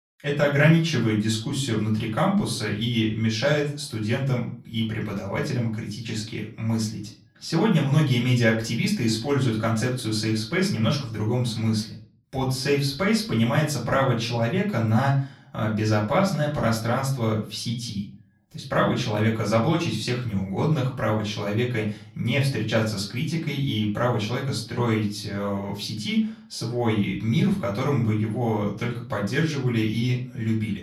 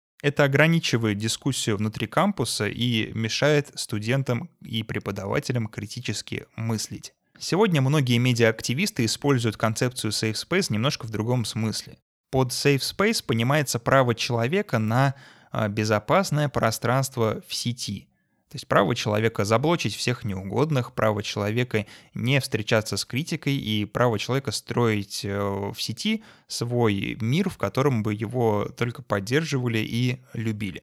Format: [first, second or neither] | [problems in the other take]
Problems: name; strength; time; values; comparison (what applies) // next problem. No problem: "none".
second | room echo; slight; dies away in 0.4 s // off-mic speech; far